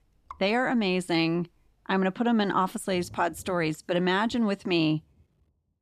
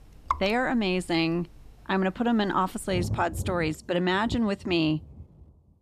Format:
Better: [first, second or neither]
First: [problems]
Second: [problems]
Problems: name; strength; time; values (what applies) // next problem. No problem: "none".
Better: first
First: rain or running water; faint; throughout; 25 dB below the speech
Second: rain or running water; loud; throughout; 9 dB below the speech